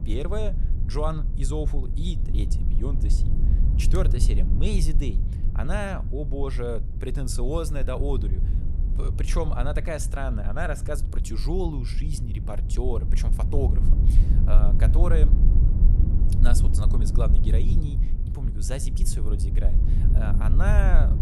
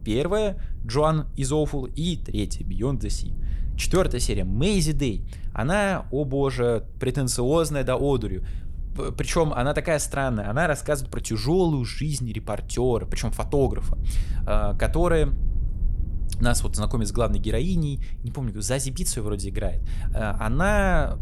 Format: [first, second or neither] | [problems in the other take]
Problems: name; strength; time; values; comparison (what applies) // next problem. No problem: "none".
second | low rumble; loud; throughout; 8 dB below the speech; faint in the second